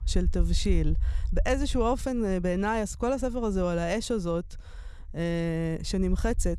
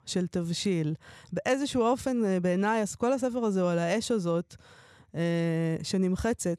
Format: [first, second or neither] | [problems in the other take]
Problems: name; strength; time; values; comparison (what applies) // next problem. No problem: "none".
second | low rumble; faint; throughout; 25 dB below the speech